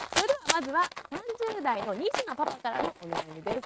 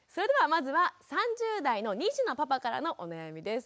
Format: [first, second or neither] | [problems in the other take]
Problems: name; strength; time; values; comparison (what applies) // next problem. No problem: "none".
second | noise reduction (neural mask model RNNoise)